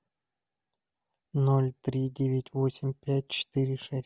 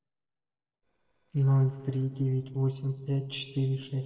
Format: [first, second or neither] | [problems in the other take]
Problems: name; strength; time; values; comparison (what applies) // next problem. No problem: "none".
first | noise reduction (neural separator model SepFormer DNS4)